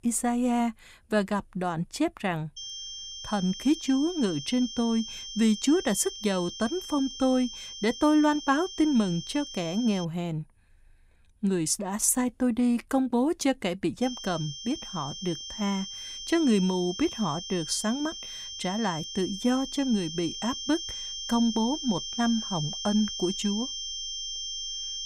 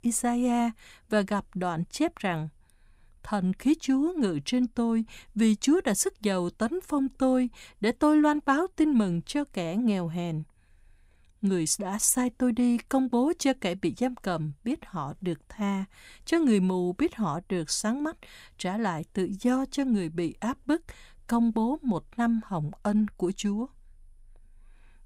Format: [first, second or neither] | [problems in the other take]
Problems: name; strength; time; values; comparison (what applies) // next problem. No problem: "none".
second | high-pitched whine; loud; from 2.5 to 10 s and from 14 s on; 3 kHz, 8 dB below the speech